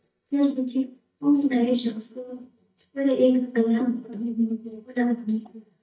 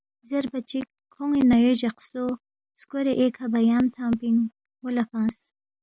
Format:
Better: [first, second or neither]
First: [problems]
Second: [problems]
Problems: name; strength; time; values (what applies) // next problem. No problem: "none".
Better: second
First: noise reduction (neural mask model DeepFilterNet 3)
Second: none